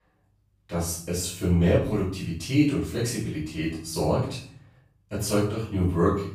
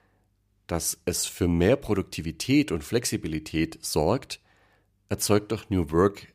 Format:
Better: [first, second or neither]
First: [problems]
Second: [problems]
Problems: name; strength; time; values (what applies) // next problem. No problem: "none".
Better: second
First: off-mic speech; far // room echo; noticeable; dies away in 0.5 s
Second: none